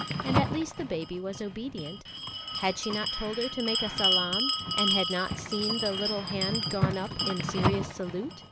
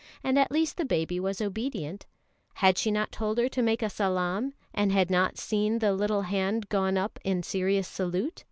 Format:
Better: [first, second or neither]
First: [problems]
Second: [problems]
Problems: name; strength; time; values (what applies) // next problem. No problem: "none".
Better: second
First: background sound (Bell); 2 dB above the speech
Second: none